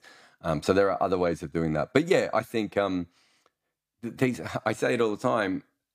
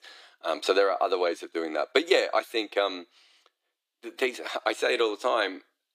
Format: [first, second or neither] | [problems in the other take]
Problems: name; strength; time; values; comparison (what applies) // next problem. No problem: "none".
first | thin; somewhat; fading below 350 Hz